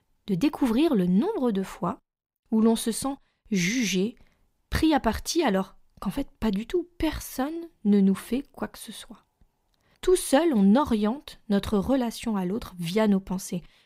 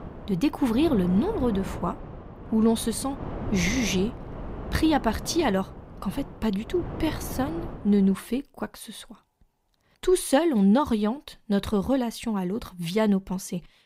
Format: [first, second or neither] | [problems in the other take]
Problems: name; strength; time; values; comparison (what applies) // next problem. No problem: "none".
first | wind noise on the microphone; occasional gusts; until 8 s; 10 dB below the speech